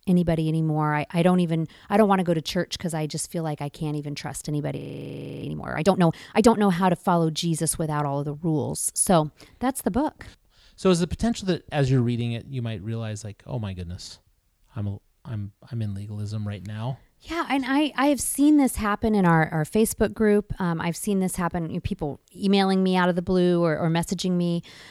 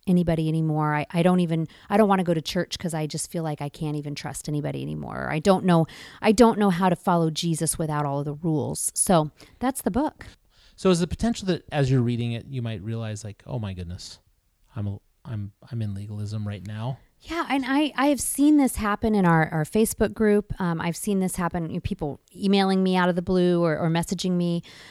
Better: second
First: audio freezing; at 5 s for 0.5 s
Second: none

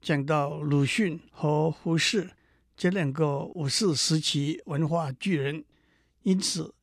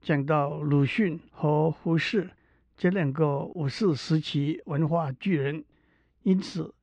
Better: first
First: none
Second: muffled; slightly; fading above 2.5 kHz

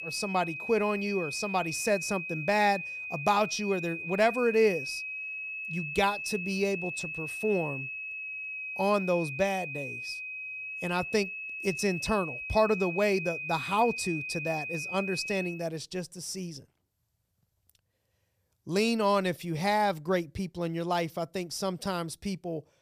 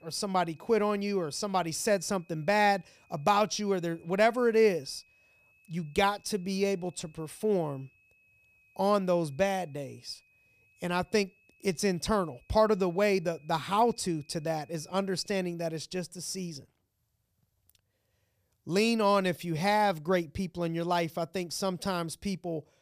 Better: second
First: high-pitched whine; loud; until 16 s; 2.5 kHz, 5 dB below the speech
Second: high-pitched whine; faint; until 16 s; 2.5 kHz, 35 dB below the speech

